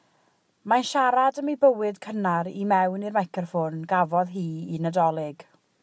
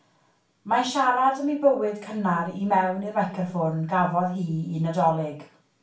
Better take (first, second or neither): first